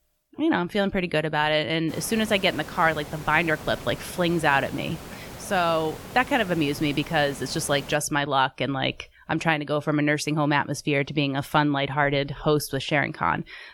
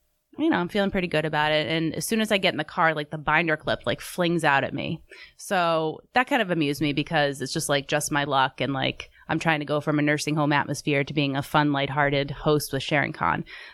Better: second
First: hiss; noticeable; from 2 to 8 s; 15 dB below the speech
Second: none

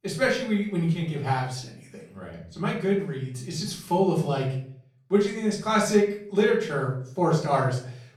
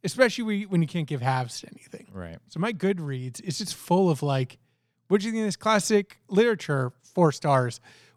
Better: second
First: off-mic speech; far // room echo; slight; dies away in 0.5 s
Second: none

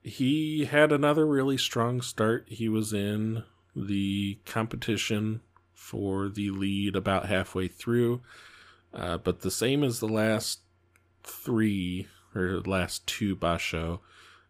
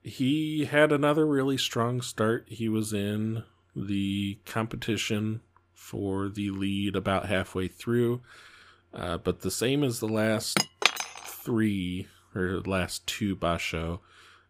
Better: first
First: none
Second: clattering dishes; loud; at 11 s; peak 5 dB above the speech

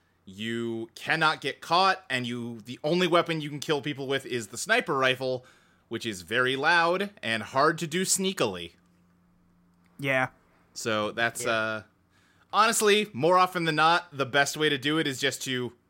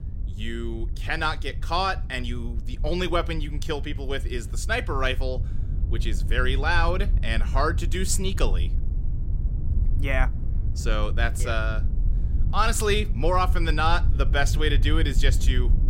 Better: first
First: none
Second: low rumble; noticeable; throughout; 20 dB below the speech

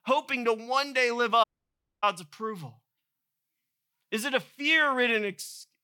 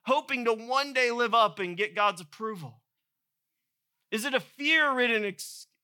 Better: second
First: audio cutting out; at 1.5 s for 0.5 s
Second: none

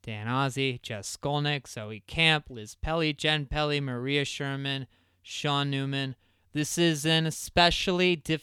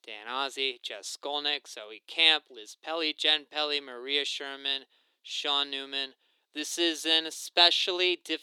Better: first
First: none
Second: thin; very; fading below 350 Hz

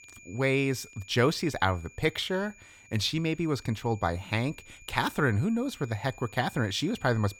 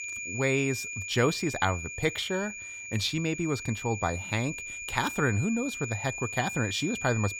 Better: first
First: high-pitched whine; faint; throughout; 2.5 kHz, 20 dB below the speech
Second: high-pitched whine; loud; throughout; 2.5 kHz, 6 dB below the speech

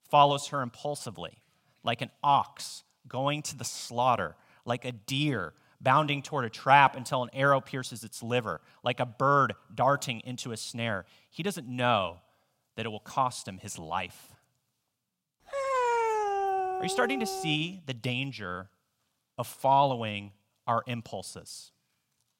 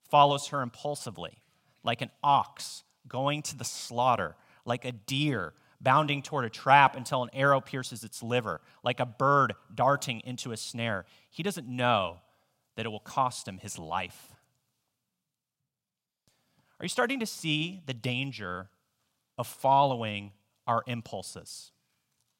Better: second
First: dog barking; loud; from 16 to 18 s; peak 2 dB above the speech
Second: none

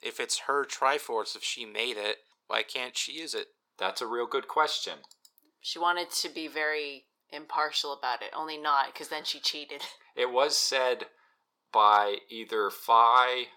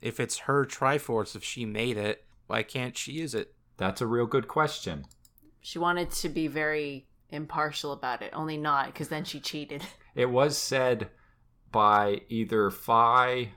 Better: second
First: thin; very; fading below 400 Hz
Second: none

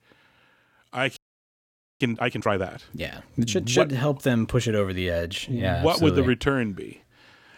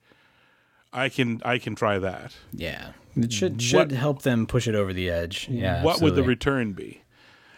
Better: second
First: audio freezing; at 1 s for 1 s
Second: none

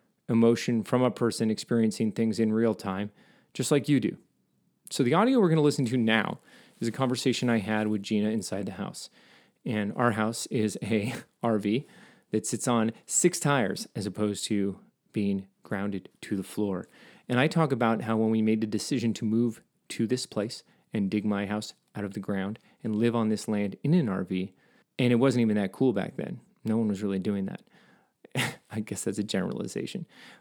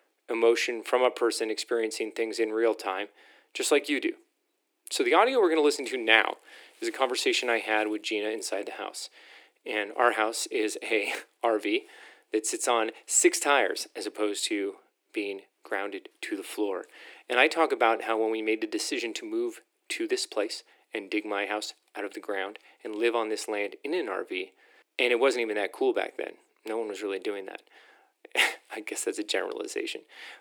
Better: first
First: none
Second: thin; very; fading below 300 Hz

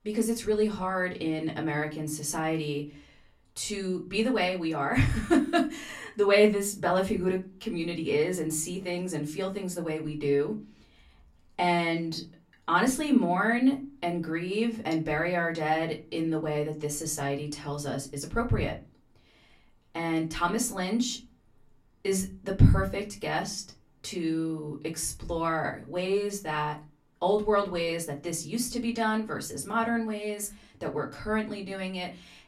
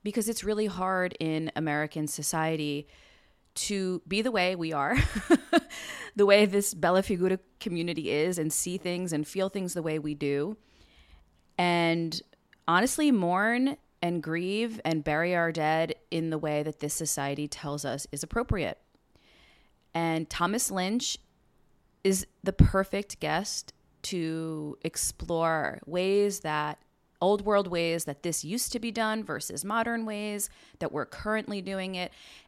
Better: second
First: off-mic speech; far // room echo; very slight; dies away in 0.3 s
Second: none

